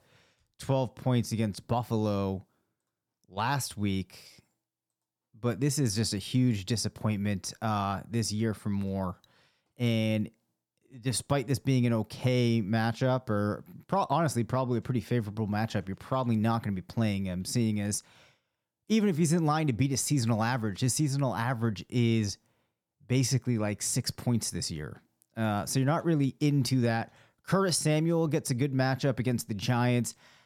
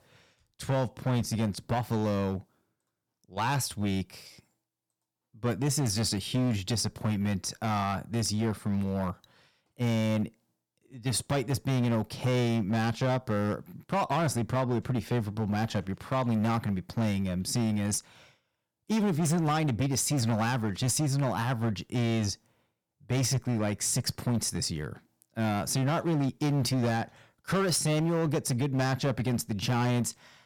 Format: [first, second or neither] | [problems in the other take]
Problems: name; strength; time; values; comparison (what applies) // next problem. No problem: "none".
first | distortion; slight; 13% of the sound clipped